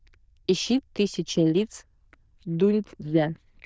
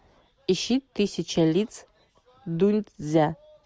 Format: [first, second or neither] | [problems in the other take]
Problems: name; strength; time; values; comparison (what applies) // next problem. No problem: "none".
second | noise reduction (neural diffusion model UNIVERSE++)